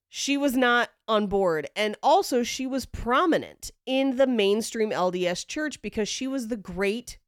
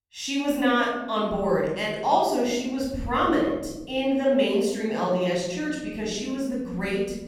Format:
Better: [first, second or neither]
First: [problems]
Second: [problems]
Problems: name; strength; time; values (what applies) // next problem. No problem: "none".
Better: first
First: none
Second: off-mic speech; far // room echo; noticeable; dies away in 1.4 s